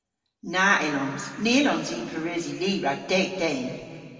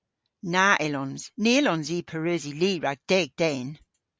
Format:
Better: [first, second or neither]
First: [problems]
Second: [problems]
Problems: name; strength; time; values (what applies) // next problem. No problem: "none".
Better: second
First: room echo; dies away in 2.2 s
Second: none